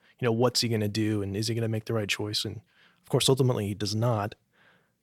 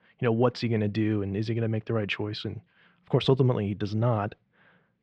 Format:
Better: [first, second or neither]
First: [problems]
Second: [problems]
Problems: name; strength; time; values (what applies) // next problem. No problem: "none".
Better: first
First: none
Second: muffled; slightly; fading above 3 kHz